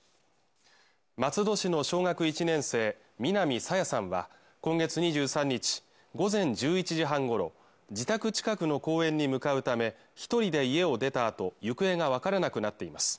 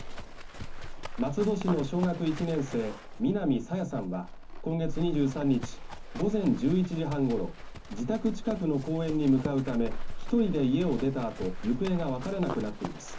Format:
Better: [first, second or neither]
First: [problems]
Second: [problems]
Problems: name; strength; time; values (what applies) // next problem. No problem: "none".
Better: first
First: none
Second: background sound (Livestock, farm animals, working animals); 7 dB below the speech // room echo; dies away in 0.3 s